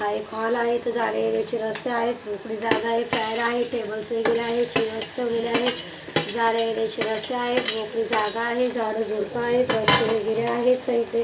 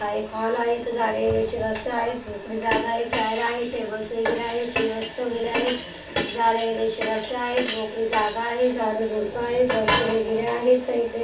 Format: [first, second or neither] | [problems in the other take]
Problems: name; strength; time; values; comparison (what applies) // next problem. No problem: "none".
first | background sound (Liquid); 17 dB below the speech // room echo; dies away in 0.2 s